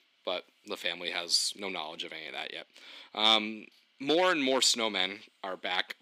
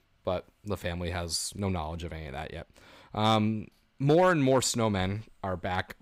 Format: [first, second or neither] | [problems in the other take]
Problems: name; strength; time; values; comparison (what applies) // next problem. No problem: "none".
second | thin; very slightly; fading below 250 Hz